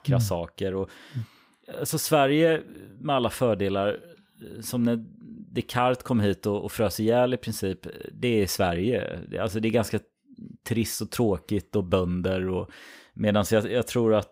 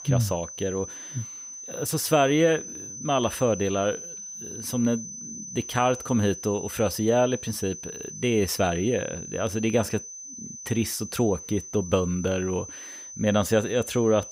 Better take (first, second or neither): first